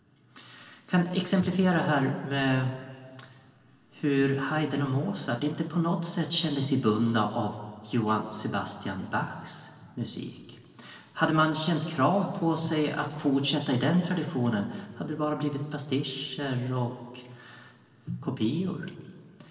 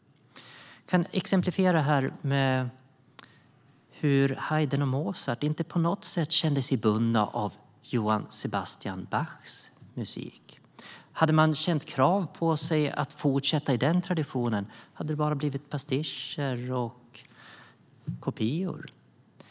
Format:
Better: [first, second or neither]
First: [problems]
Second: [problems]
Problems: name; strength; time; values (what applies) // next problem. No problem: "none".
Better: second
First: room echo; dies away in 2.2 s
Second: none